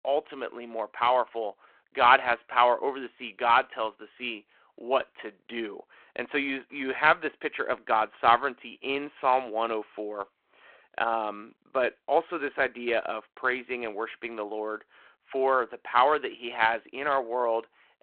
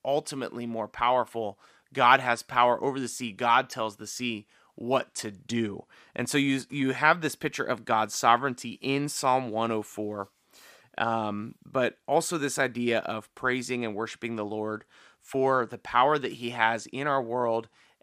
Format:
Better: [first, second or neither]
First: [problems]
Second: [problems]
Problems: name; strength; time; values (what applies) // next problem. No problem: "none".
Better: second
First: phone-call audio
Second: none